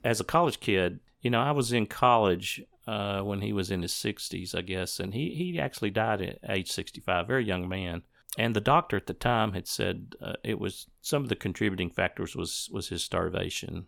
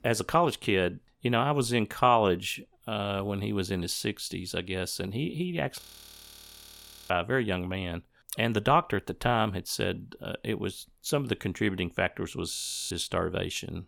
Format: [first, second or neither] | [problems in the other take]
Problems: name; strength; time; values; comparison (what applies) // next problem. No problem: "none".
first | audio freezing; at 6 s for 1.5 s and at 13 s